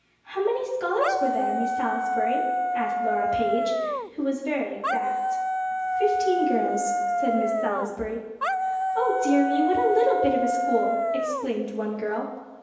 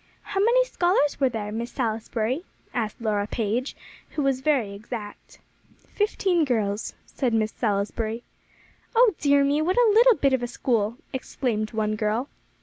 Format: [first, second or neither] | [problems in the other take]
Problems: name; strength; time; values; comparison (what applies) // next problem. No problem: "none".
second | background sound (Dog); 1 dB above the speech // room echo; dies away in 1 s